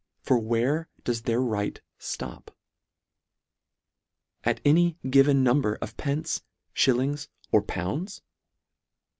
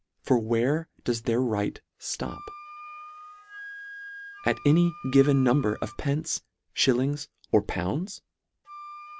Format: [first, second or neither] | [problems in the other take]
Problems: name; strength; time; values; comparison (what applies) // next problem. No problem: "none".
first | background sound (Wind instrument, woodwind instrument); 19 dB below the speech